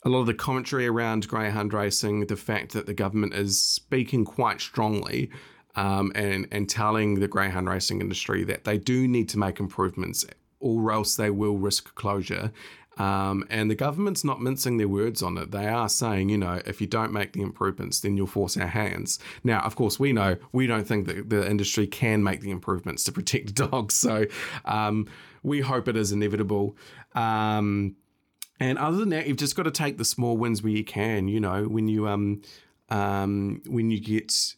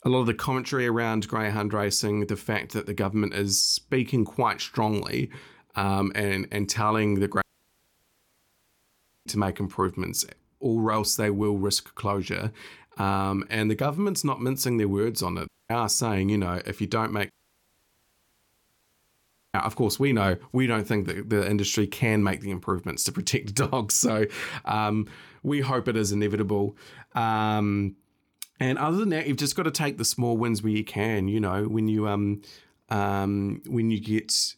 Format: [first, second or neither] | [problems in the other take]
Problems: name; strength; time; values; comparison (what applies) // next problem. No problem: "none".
first | audio cutting out; at 7.5 s for 2 s, at 15 s and at 17 s for 2 s